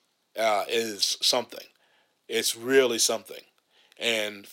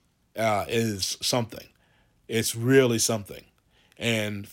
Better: second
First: thin; somewhat; fading below 450 Hz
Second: none

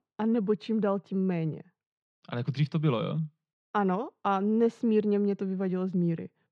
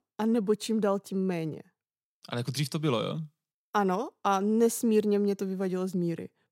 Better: second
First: muffled; slightly; fading above 3 kHz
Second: none

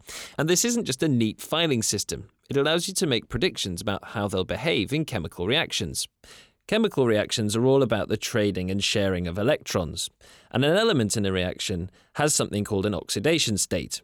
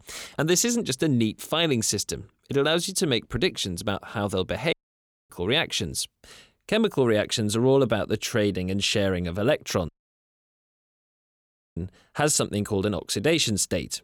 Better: first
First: none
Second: audio cutting out; at 4.5 s for 0.5 s and at 10 s for 2 s

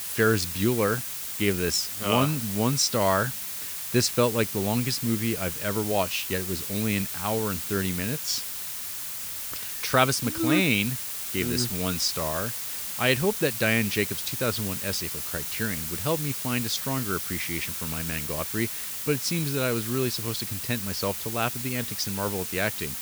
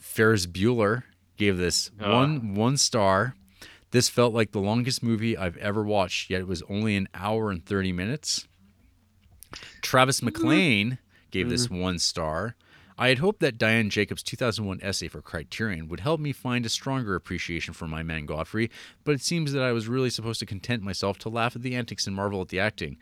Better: second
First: hiss; loud; throughout; 3 dB below the speech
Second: none

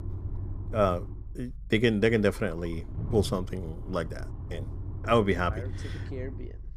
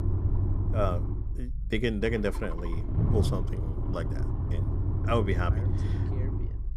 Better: first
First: low rumble; faint; throughout; 20 dB below the speech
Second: low rumble; loud; throughout; 9 dB below the speech

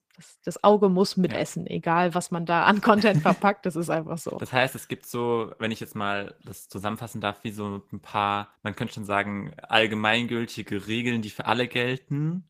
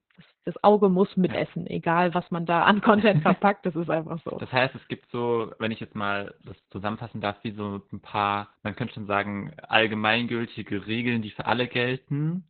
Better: first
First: garbled, watery; slightly; nothing above 15 kHz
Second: garbled, watery; badly; nothing above 4 kHz

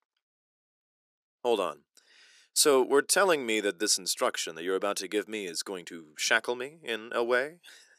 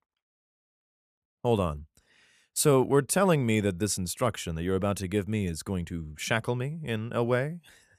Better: second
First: thin; somewhat; fading below 300 Hz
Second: none

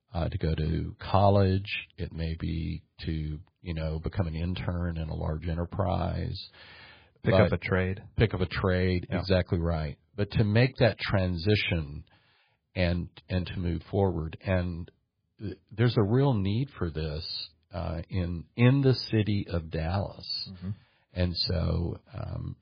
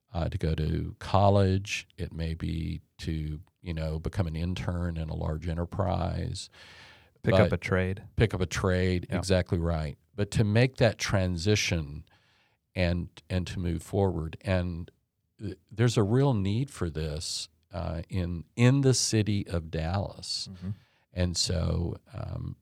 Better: second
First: garbled, watery; badly; nothing above 4.5 kHz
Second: none

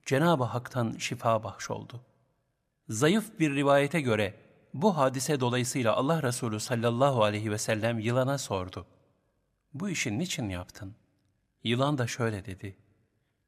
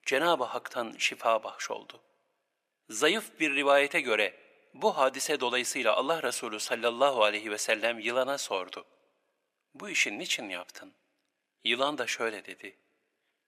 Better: first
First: none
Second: thin; somewhat; fading below 350 Hz

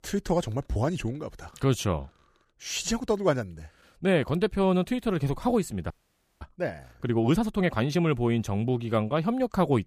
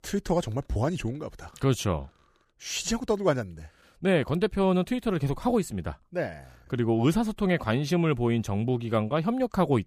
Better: second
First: audio freezing; at 6 s for 0.5 s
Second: none

